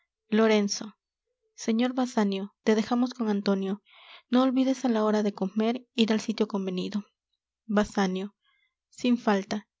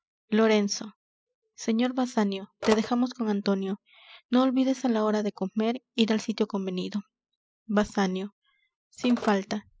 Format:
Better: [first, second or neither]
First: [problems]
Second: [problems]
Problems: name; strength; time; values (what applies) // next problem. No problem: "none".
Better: first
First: none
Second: noise reduction (classical method spectral subtraction)